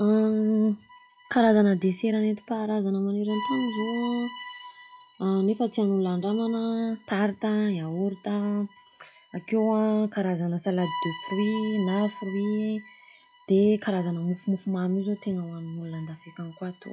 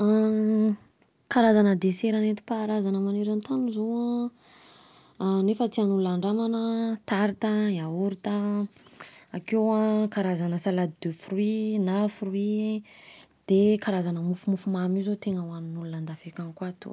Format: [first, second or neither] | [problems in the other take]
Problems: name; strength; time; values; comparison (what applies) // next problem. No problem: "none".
second | noise reduction (classical method log-MMSE)